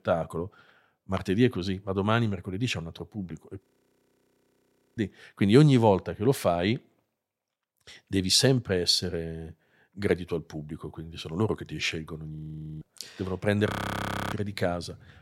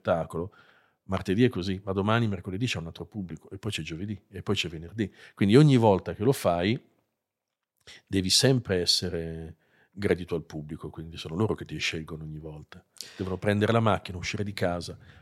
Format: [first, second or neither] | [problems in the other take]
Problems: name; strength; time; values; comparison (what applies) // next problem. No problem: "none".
second | audio freezing; at 3.5 s for 1.5 s, at 12 s and at 14 s for 0.5 s